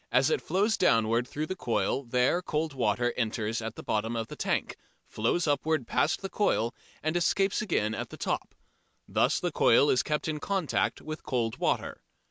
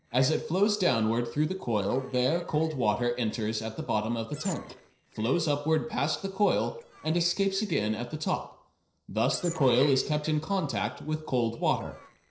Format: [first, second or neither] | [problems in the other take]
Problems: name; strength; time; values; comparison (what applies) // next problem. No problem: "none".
first | noise reduction (neural separator model SepFormer DNS4)